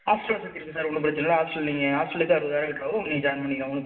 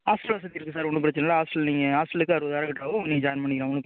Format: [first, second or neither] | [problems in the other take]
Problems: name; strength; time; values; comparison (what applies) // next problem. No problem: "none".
second | room echo; dies away in 1 s